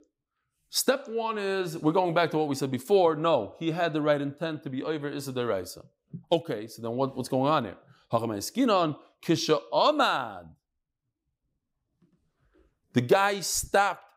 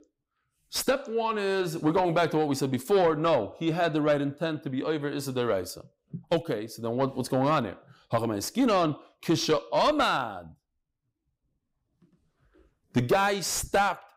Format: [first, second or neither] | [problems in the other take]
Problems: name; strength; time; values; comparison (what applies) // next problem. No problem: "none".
first | distortion; slight; 10 dB below the speech